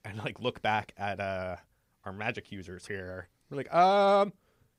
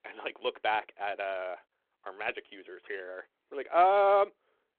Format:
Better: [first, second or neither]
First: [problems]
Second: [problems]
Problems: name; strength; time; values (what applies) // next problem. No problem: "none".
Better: first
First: none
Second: phone-call audio